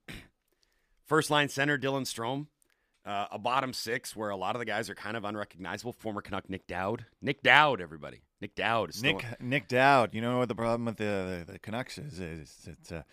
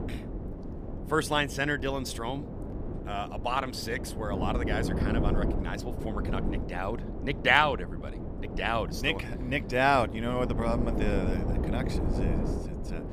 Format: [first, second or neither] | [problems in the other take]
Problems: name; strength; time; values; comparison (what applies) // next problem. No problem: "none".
first | wind noise on the microphone; occasional gusts; 10 dB below the speech